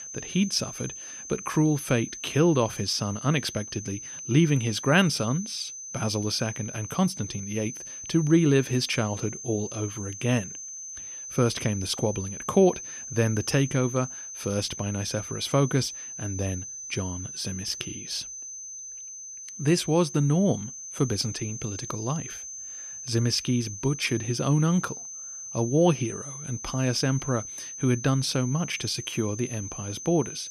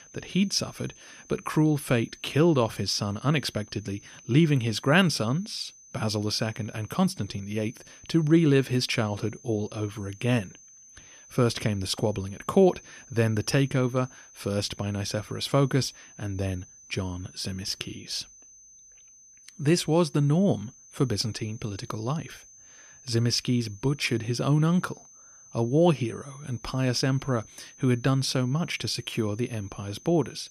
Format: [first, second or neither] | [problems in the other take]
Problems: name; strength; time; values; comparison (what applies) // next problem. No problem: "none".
second | high-pitched whine; loud; throughout; 6 kHz, 9 dB below the speech; faint in the second